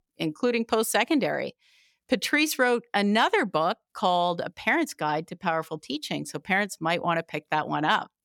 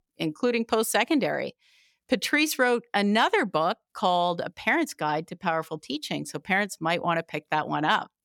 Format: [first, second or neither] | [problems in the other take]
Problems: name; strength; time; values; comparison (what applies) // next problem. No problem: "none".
neither | none